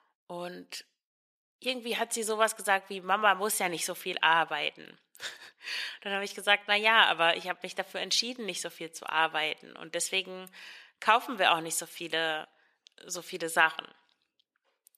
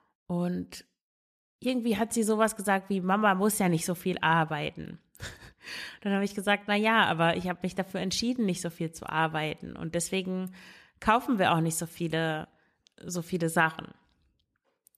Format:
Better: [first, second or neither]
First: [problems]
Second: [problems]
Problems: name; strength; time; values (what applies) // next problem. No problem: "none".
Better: second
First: thin; very; fading below 500 Hz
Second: none